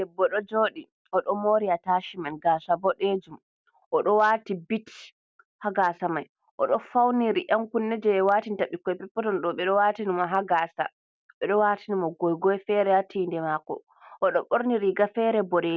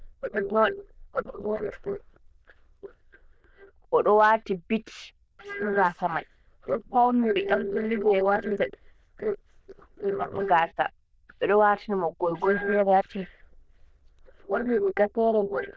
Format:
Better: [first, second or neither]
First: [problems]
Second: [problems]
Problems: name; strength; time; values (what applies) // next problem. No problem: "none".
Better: first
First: none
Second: noise reduction (neural diffusion model UNIVERSE++)